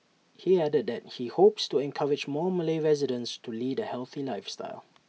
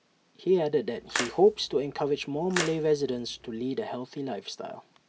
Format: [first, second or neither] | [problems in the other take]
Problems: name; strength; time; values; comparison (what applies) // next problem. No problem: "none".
first | background sound (Splash, splatter); 9 dB below the speech